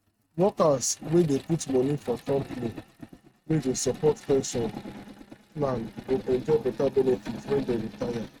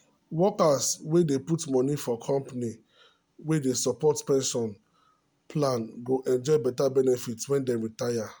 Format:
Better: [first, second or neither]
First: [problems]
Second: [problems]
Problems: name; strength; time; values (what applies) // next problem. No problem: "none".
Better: second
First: noise reduction (neural mask model RNNoise)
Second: none